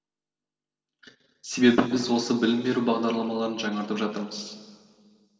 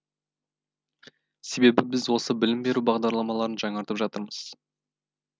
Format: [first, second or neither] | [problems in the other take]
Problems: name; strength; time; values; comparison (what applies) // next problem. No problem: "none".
second | room echo; dies away in 2.2 s